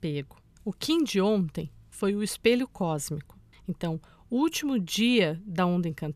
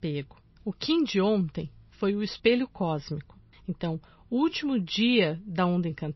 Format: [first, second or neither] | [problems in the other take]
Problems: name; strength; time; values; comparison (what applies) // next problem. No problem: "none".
first | garbled, watery; slightly; nothing above 6 kHz